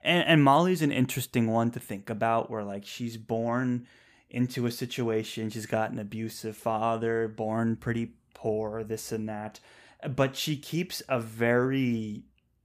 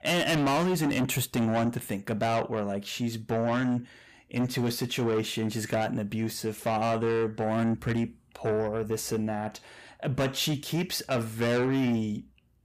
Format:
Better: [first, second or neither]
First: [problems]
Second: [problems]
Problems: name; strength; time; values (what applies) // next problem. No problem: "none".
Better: first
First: none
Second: distortion; heavy; 6 dB below the speech